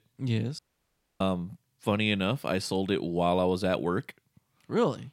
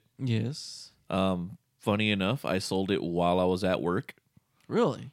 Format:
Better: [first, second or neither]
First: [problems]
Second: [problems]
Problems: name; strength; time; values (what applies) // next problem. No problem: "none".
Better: second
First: audio cutting out; at 0.5 s for 0.5 s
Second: none